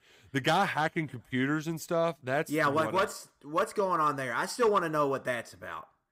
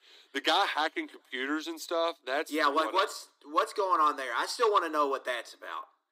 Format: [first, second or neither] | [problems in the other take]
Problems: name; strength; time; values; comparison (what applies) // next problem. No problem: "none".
first | thin; somewhat; fading below 300 Hz